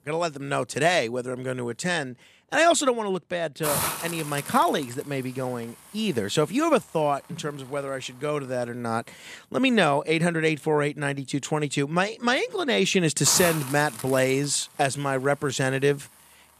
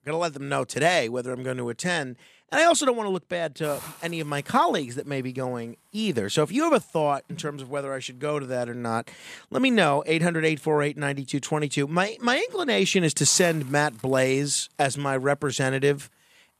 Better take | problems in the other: second | hiss; loud; throughout; 8 dB below the speech; faint in the second

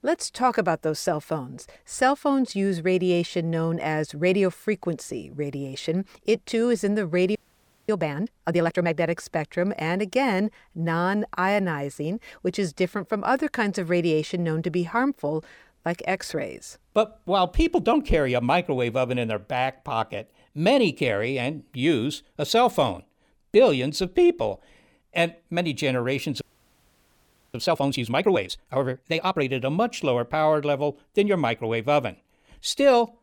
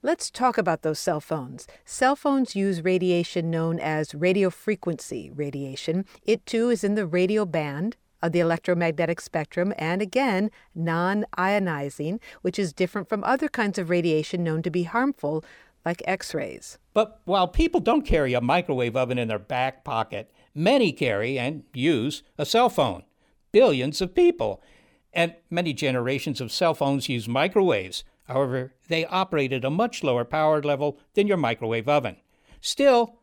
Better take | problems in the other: second | audio freezing; at 7.5 s for 0.5 s and at 26 s for 1 s

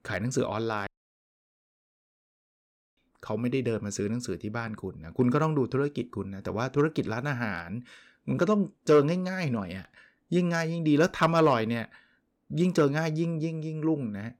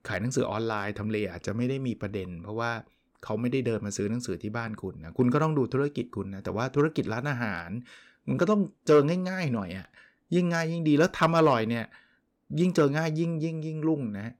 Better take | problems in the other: second | audio cutting out; at 1 s for 2 s

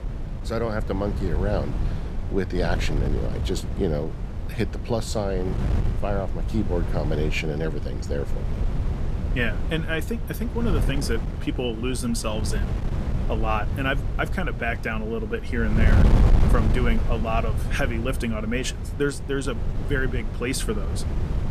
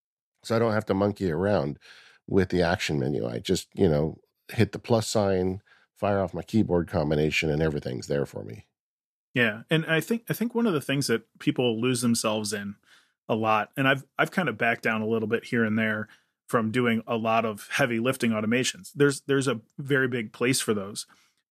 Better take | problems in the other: second | wind noise on the microphone; heavy; 8 dB below the speech

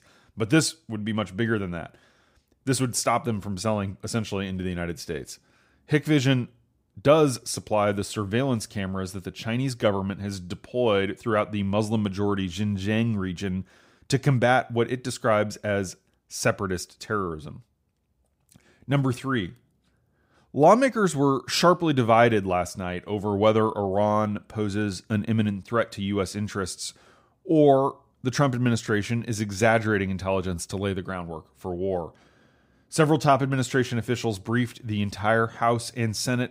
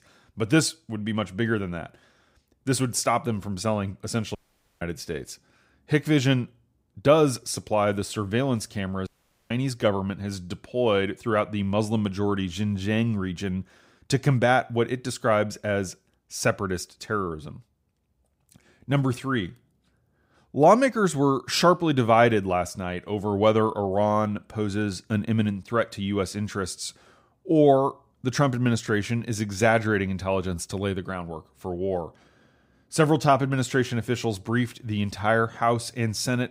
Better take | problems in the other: first | audio cutting out; at 4.5 s and at 9 s

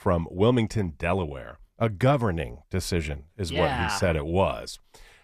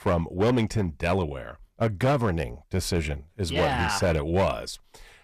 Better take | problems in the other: first | distortion; slight; 6% of the sound clipped

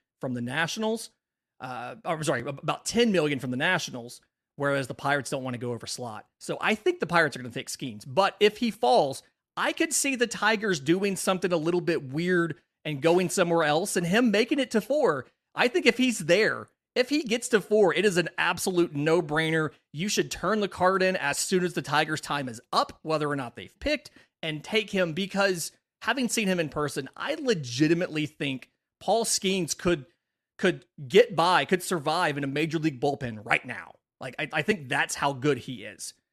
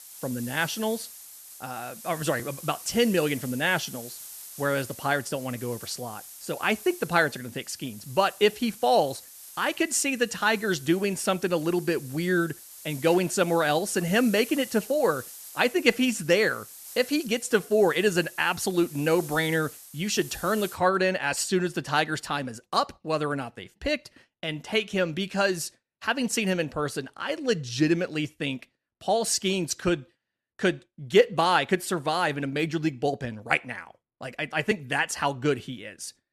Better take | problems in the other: first | hiss; noticeable; until 21 s; 15 dB below the speech

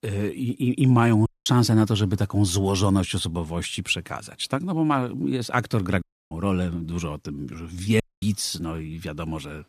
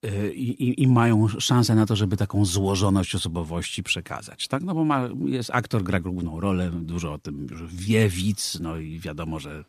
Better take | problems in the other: second | audio cutting out; at 1.5 s, at 6 s and at 8 s

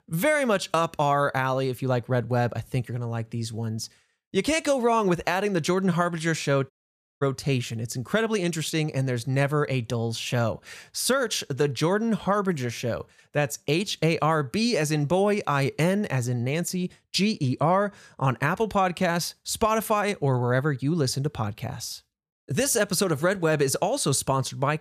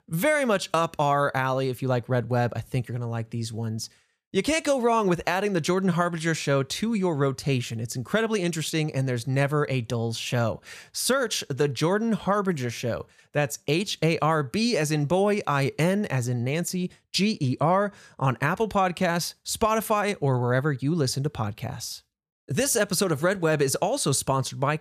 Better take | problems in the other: second | audio cutting out; at 6.5 s for 0.5 s

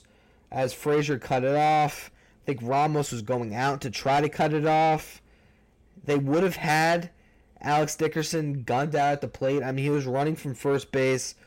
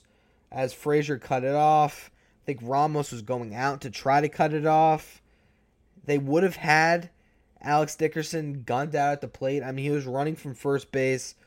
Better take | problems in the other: second | distortion; slight; 10 dB below the speech

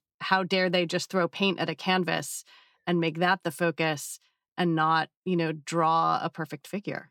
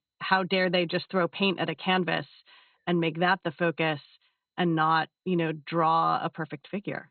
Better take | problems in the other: first | garbled, watery; badly; nothing above 4 kHz

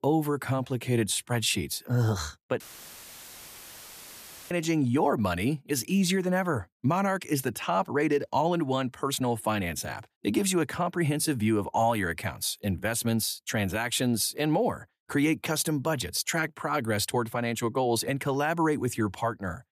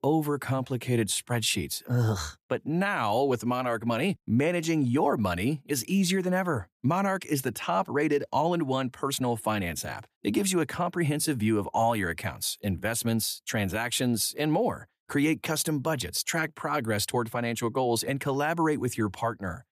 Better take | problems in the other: second | audio cutting out; filled with static; at 2.5 s for 2 s

